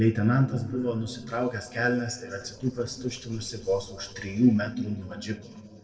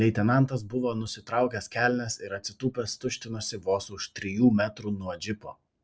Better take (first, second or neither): second